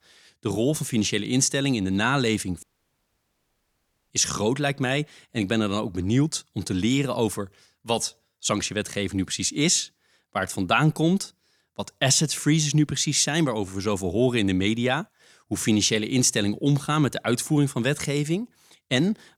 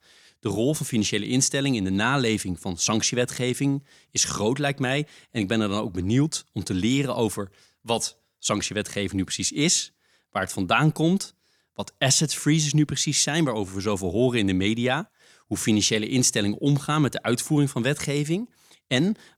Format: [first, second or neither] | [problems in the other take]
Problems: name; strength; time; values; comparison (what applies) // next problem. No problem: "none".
second | audio cutting out; at 2.5 s for 1.5 s